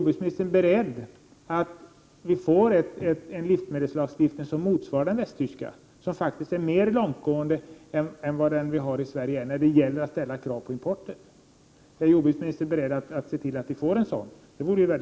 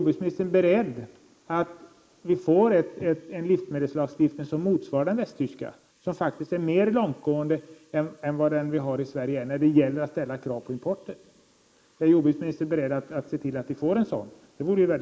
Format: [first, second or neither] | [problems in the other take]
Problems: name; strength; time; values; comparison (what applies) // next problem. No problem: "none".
first | noise reduction (neural mask model Resemble Enhance denoiser)